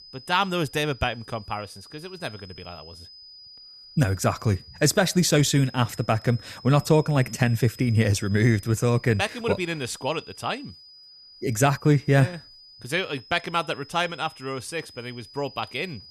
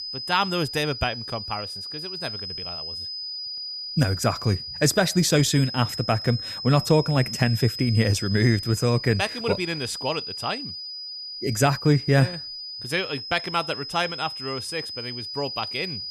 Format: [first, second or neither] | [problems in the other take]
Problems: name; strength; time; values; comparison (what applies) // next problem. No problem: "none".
first | high-pitched whine; loud; throughout; 5 kHz, 7 dB below the speech; faint in the first